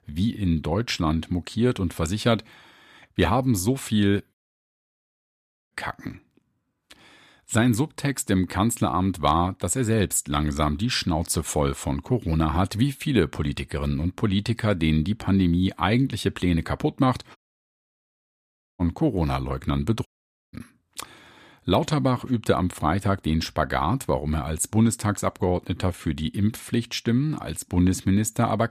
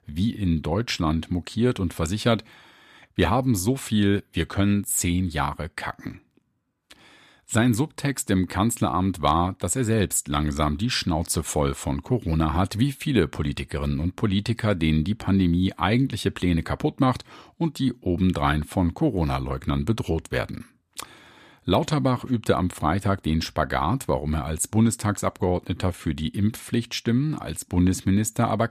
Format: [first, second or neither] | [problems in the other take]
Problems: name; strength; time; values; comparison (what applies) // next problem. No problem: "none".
second | audio cutting out; at 4.5 s for 1.5 s, at 17 s for 1.5 s and at 20 s